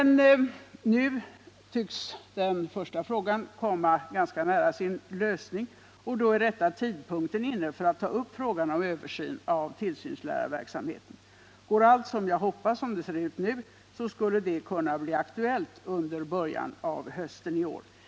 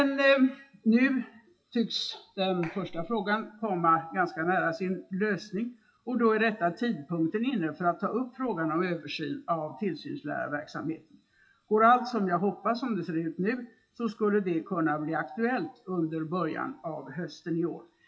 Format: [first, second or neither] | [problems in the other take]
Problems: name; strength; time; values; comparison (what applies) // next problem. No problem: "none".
first | noise reduction (classical method WPE with log-MMSE)